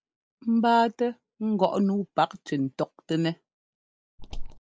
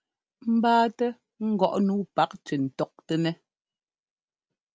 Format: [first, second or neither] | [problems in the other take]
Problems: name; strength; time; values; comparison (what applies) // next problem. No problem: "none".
second | noise reduction (neural mask model Resemble Enhance denoiser)